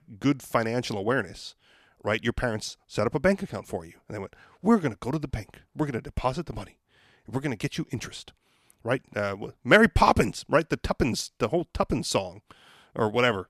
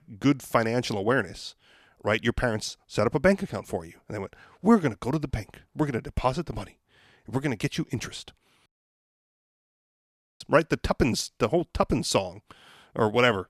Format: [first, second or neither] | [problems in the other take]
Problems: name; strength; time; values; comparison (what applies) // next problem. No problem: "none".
first | audio cutting out; at 8.5 s for 1.5 s